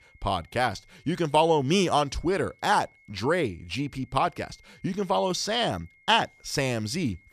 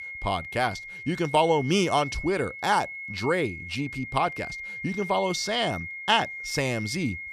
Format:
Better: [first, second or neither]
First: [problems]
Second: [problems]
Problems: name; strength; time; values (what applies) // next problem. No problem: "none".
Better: first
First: high-pitched whine; faint; throughout; 2 kHz, 30 dB below the speech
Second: high-pitched whine; loud; throughout; 2 kHz, 9 dB below the speech